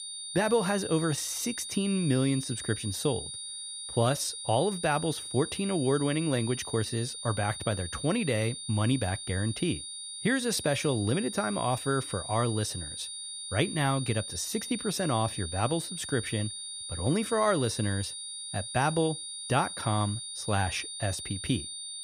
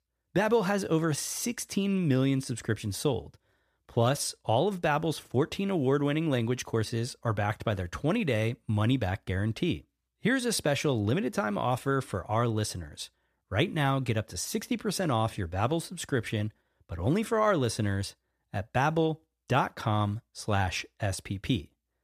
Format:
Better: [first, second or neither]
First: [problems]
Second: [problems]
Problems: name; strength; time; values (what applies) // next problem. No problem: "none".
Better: second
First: high-pitched whine; loud; throughout; 9 kHz, 7 dB below the speech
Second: none